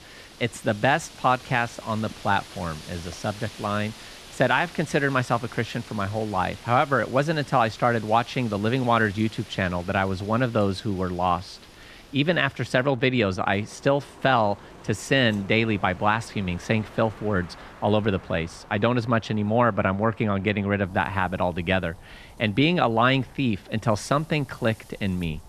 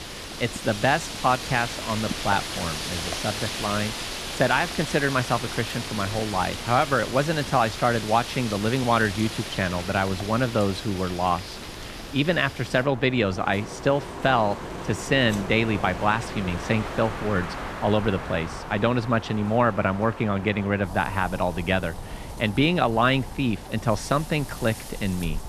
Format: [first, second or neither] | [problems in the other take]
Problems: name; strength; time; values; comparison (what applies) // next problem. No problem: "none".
first | wind in the background; loud; throughout; 9 dB below the speech; faint in the first